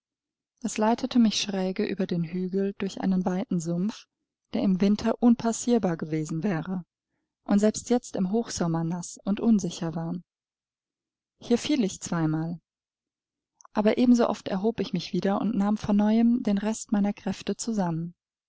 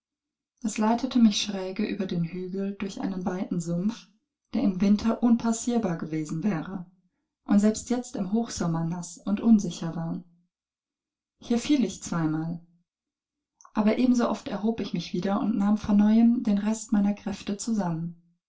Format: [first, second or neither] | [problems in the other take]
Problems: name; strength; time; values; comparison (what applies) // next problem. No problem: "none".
first | room echo; dies away in 0.2 s